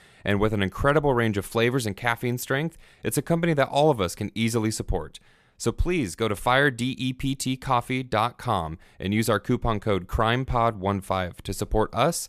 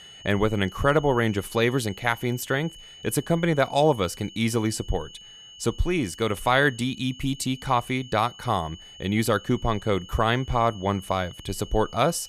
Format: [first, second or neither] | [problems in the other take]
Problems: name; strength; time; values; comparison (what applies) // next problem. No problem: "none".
first | high-pitched whine; noticeable; throughout; 3 kHz, 20 dB below the speech